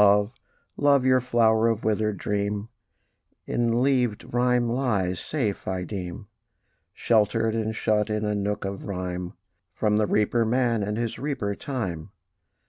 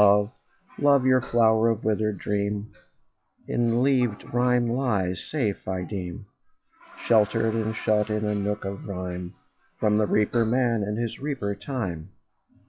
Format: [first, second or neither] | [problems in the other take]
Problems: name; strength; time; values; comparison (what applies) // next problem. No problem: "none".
first | noise reduction (classical method log-MMSE)